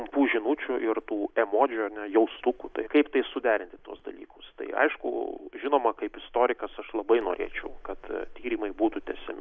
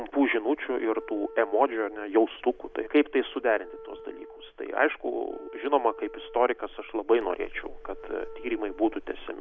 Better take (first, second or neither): first